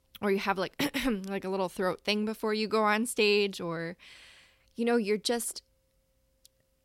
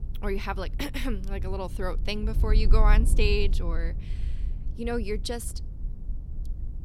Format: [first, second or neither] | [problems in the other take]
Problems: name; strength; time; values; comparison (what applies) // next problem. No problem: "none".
first | wind noise on the microphone; occasional gusts; 15 dB below the speech